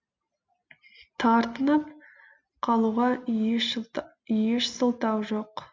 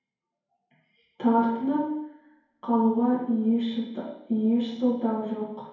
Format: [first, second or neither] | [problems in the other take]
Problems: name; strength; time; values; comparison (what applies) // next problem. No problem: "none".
first | room echo; dies away in 1 s